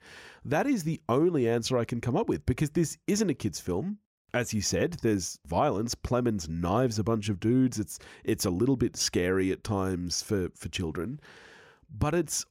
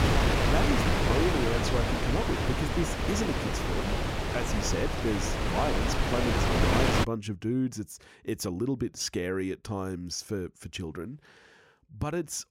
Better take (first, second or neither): first